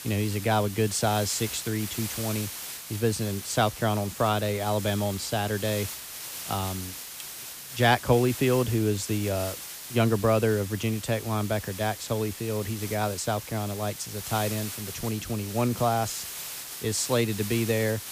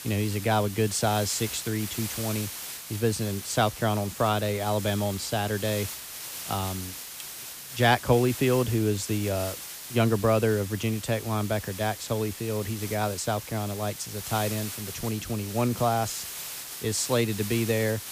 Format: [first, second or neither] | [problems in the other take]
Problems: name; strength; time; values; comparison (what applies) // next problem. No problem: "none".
neither | hiss; loud; throughout; 9 dB below the speech; the same in both